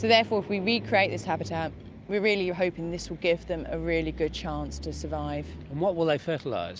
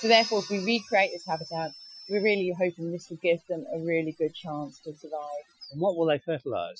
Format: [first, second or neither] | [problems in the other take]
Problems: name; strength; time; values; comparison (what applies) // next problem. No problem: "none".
first | noise reduction (classical method Wiener filter)